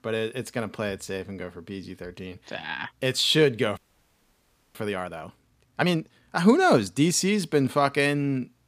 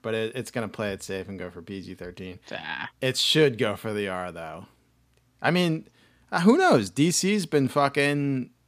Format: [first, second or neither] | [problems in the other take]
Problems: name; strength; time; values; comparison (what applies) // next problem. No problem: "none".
second | audio freezing; at 4 s for 1 s